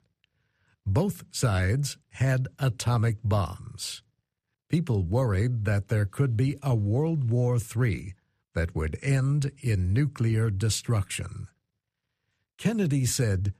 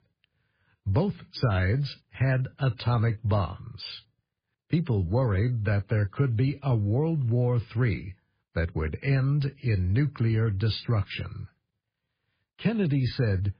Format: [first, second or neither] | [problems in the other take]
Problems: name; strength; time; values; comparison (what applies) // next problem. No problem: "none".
first | garbled, watery; badly; nothing above 5 kHz